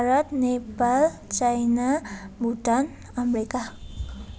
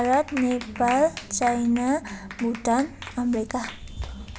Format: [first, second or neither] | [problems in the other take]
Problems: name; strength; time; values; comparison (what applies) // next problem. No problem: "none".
first | background sound (Clapping); 15 dB below the speech